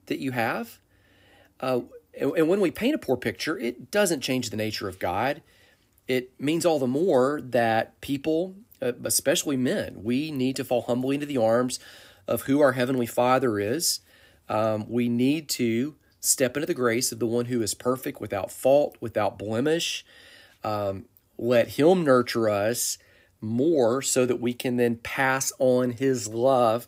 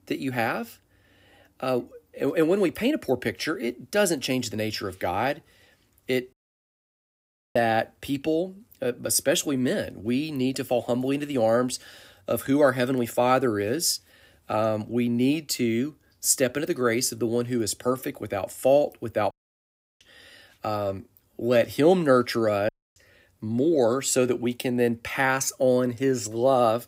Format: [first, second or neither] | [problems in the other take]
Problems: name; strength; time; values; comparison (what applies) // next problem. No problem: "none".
first | audio cutting out; at 6.5 s for 1 s, at 19 s for 0.5 s and at 23 s